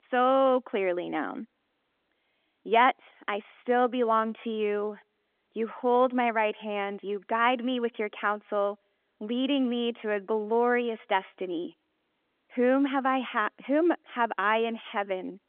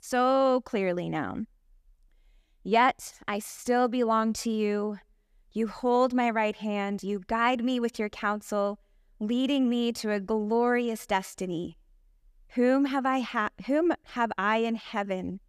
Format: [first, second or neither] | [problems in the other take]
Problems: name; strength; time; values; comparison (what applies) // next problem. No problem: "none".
second | phone-call audio; nothing above 3.5 kHz